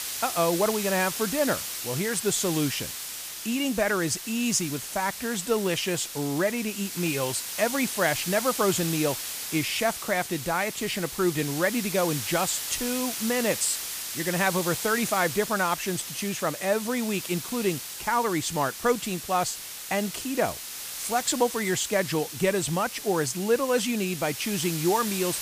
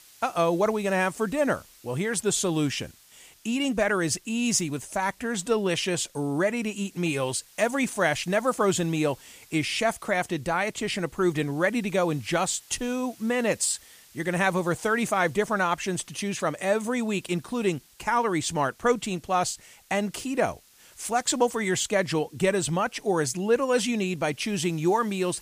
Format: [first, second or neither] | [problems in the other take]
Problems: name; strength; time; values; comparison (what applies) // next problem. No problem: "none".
second | hiss; loud; throughout; 6 dB below the speech; faint in the second